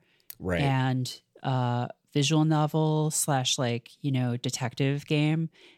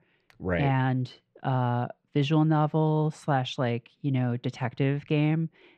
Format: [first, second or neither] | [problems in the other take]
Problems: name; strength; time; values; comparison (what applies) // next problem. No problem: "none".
first | muffled; very; fading above 2 kHz